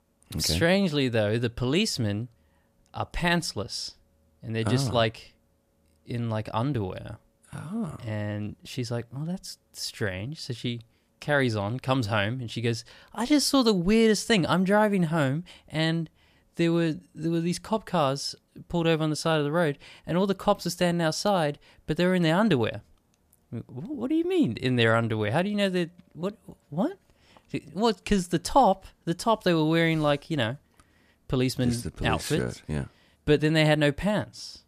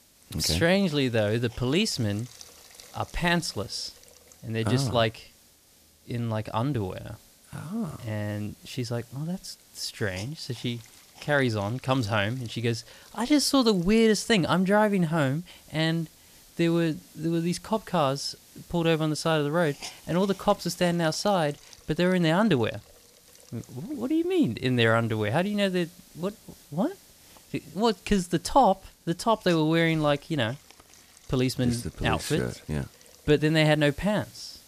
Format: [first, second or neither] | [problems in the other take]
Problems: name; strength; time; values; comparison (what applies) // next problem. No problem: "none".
first | hiss; faint; throughout; 25 dB below the speech